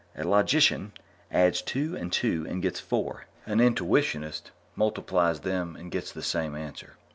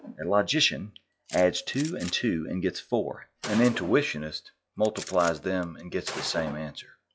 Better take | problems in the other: first | noise reduction (classical method log-MMSE)

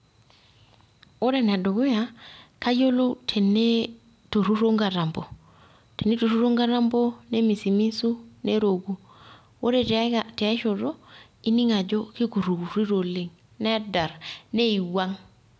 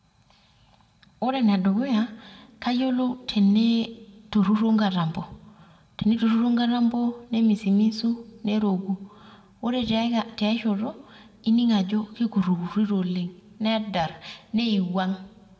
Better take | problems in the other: first | room echo; dies away in 0.7 s

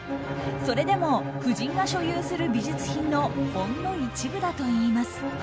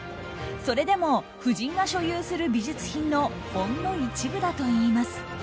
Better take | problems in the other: second | background sound (Bowed string instrument); 5 dB below the speech

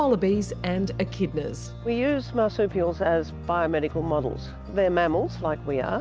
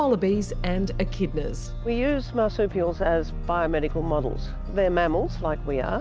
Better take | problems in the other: first | background sound (Growling); 7 dB below the speech

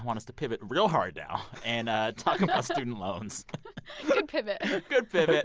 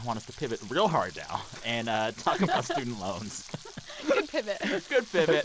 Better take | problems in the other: first | background sound (Frying (food)); 19 dB below the speech

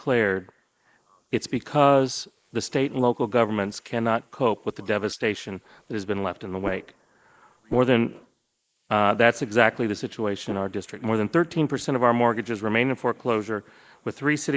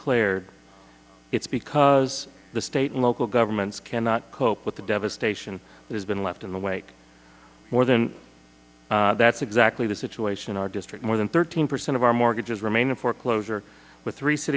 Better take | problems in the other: second | noise reduction (neural mask model Resemble Enhance denoiser)

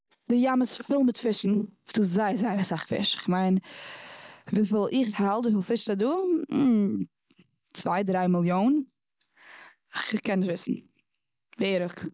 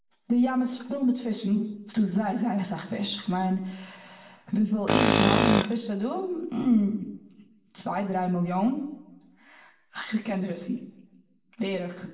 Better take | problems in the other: first | background sound (Tools); 4 dB above the speech // room echo; dies away in 0.6 s

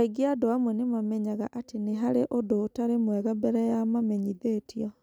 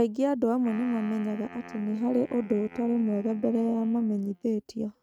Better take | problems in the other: first | noise reduction (neural mask model RNNoise)

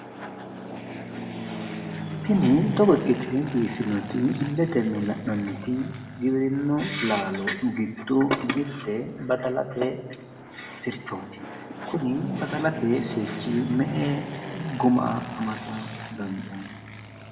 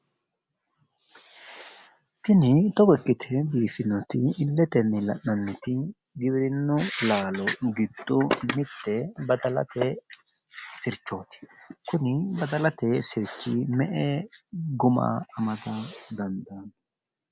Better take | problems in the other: second | background sound (Fixed-wing aircraft, airplane); 11 dB below the speech // room echo; dies away in 1.3 s

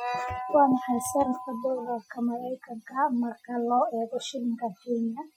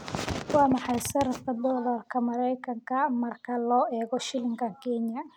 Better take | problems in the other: second | noise reduction (classical method Wiener filter)

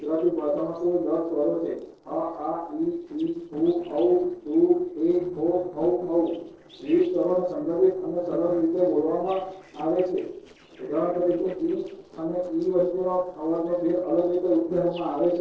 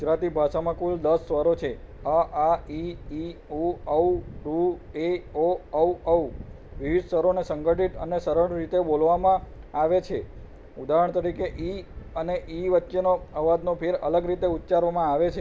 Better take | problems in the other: second | noise reduction (neural separator model SepFormer DNS4)

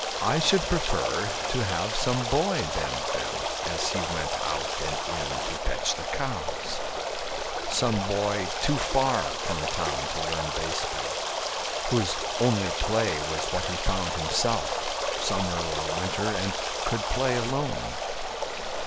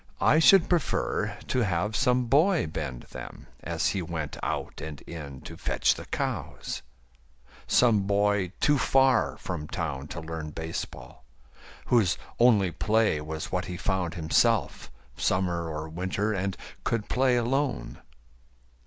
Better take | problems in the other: second | background sound (Stream); as loud as the speech

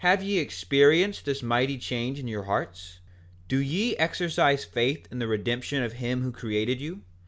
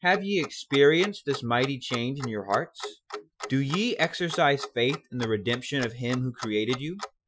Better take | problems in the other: first | noise reduction (classical method Wiener filter)

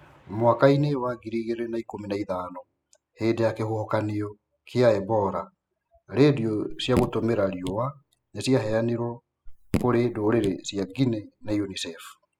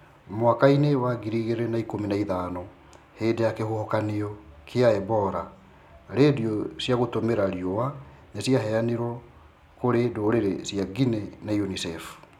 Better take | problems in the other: second | noise reduction (classical method spectral subtraction)

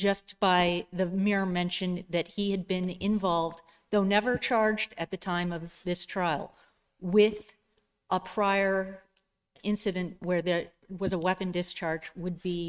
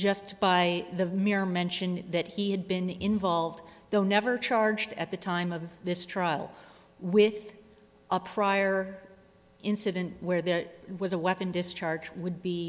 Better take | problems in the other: second | noise reduction (neural mask model RNNoise)

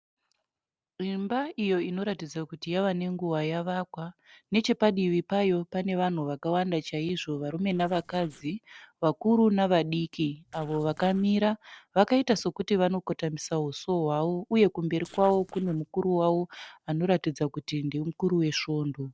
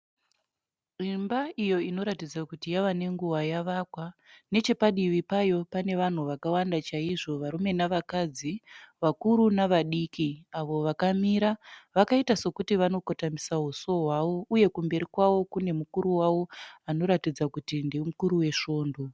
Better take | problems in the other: second | noise reduction (neural separator model SepFormer DNS4)

